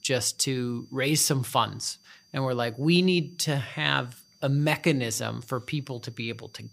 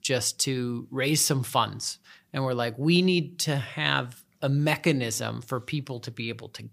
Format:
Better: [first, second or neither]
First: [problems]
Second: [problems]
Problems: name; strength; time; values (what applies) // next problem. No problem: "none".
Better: second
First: high-pitched whine; faint; throughout; 4.5 kHz, 30 dB below the speech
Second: none